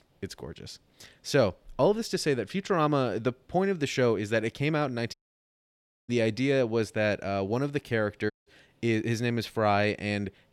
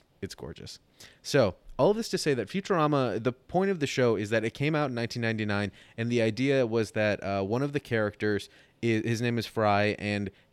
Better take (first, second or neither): second